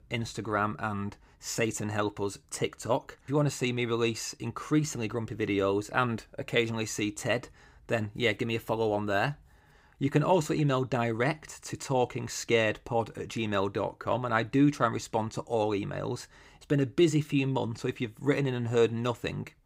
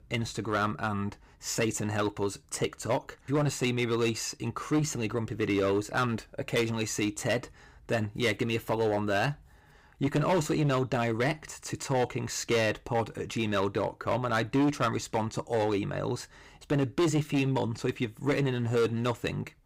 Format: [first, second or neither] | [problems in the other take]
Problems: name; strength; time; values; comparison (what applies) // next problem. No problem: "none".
first | distortion; slight; 7% of the sound clipped